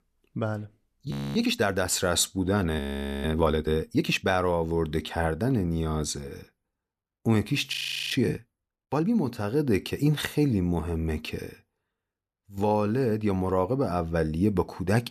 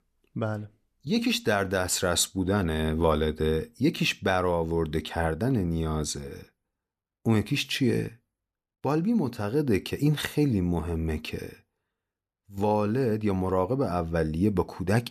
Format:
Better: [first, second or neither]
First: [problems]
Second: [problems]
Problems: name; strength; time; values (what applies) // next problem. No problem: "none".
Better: second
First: audio freezing; at 1 s, at 3 s and at 7.5 s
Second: none